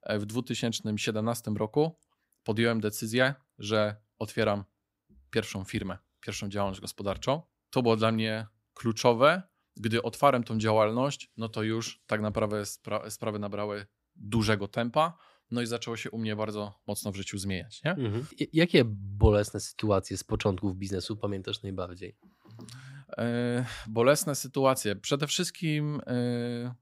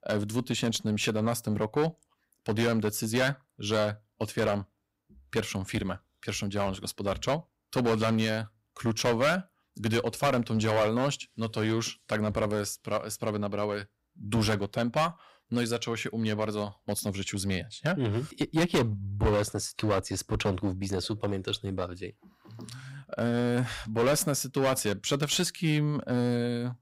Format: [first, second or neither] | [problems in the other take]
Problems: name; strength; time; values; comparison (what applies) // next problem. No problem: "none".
first | distortion; heavy; 8% of the sound clipped